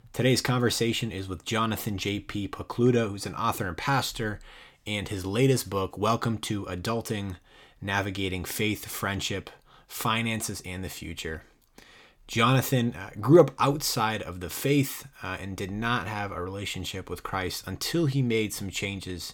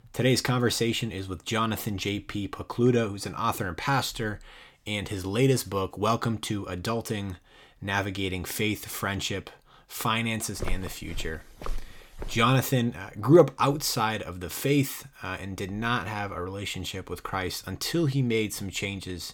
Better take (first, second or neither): first